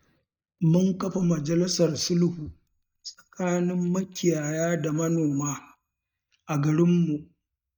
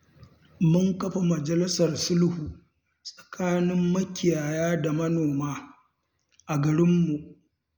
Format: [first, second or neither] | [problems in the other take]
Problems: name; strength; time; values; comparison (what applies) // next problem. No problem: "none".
second | noise reduction (neural mask model DeepFilterNet 3)